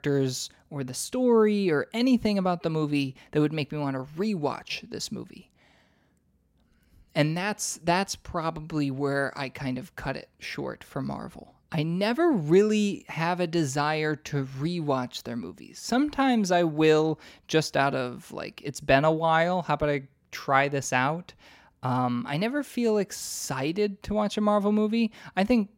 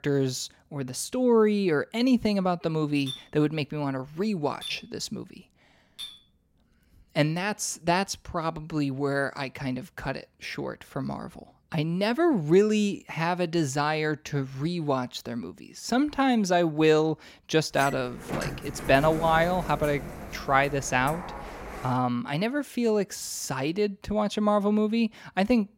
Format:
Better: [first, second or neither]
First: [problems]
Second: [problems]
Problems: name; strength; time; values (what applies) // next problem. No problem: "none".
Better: first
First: none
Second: clattering dishes; faint; from 3 to 6 s; peak 10 dB below the speech // door banging; noticeable; from 18 to 22 s; peak 7 dB below the speech